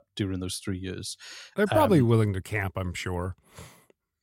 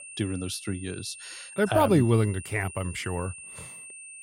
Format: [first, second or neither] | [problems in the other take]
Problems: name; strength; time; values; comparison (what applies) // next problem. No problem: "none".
first | high-pitched whine; noticeable; throughout; 9 kHz, 15 dB below the speech